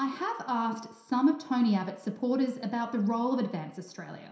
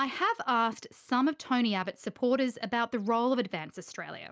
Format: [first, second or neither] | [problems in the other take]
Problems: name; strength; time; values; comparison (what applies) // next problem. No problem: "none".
second | room echo; dies away in 0.7 s